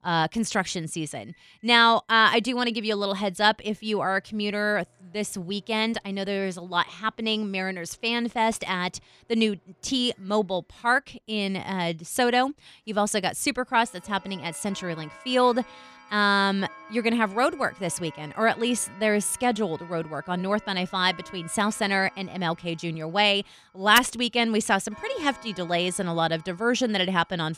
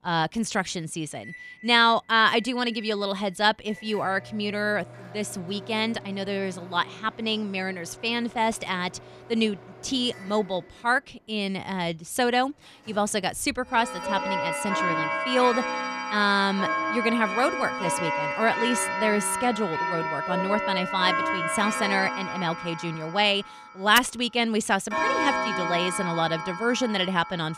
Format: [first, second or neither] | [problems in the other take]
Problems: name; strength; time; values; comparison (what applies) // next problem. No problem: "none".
first | household noises; loud; throughout; 3 dB below the speech; faint in the first